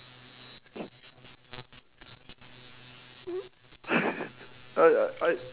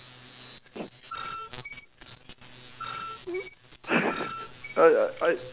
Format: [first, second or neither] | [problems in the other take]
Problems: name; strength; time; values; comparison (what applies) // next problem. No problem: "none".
first | background sound (Screech); 12 dB below the speech